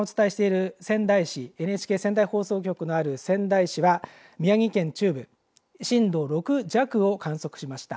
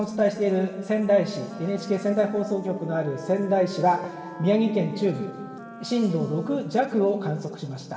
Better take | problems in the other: first | background sound (Wind instrument, woodwind instrument); 17 dB below the speech // room echo; dies away in 1.7 s

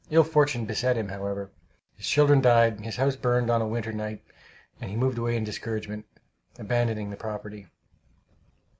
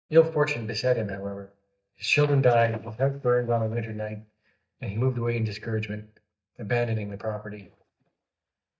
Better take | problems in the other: first | noise reduction (neural mask model DeepFilterNet 3)

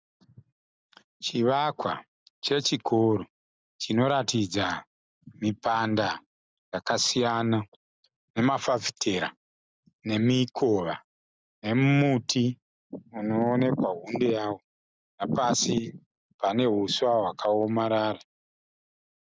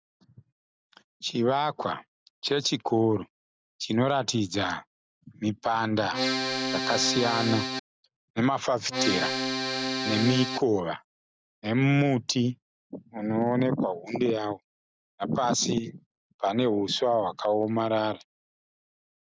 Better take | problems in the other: first | background sound (Accordion); 1 dB below the speech

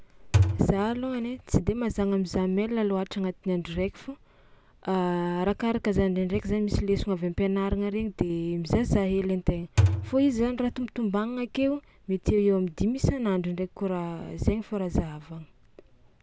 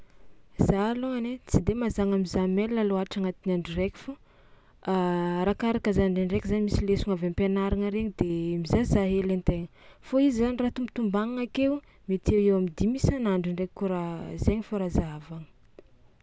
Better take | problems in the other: second | background sound (Thump, thud); 1 dB above the speech

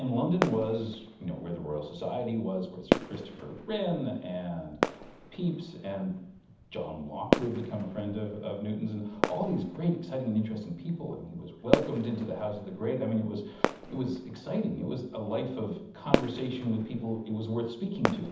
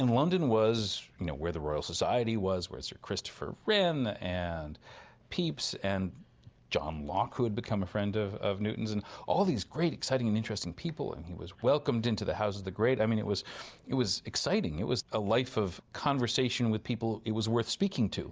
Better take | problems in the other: second | background sound (Fireworks); 3 dB below the speech // room echo; dies away in 0.8 s

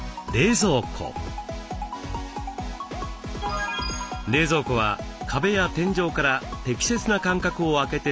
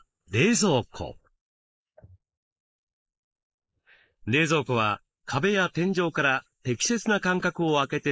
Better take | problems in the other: first | noise reduction (neural mask model Resemble Enhance denoiser)

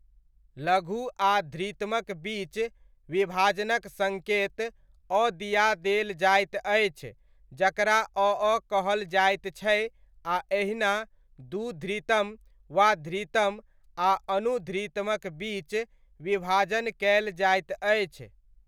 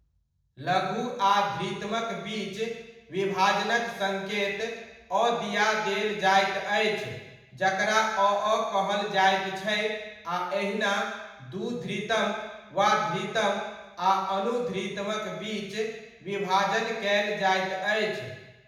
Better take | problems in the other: first | room echo; dies away in 1 s

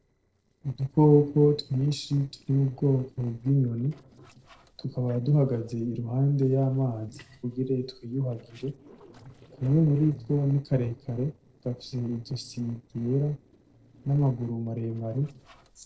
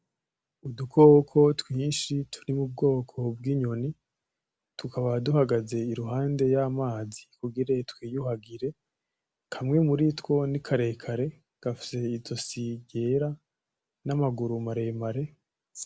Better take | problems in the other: second | noise reduction (neural separator model SepFormer DNS4)

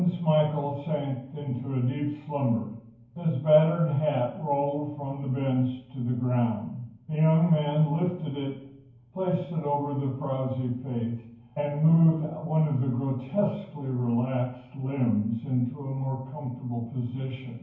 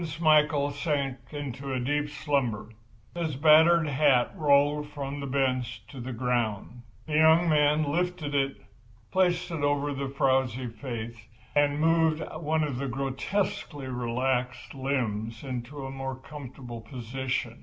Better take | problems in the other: second | room echo; dies away in 0.9 s

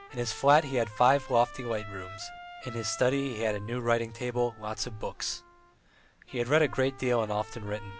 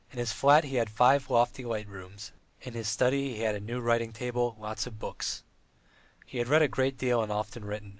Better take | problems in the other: second | background sound (Trumpet); 18 dB below the speech

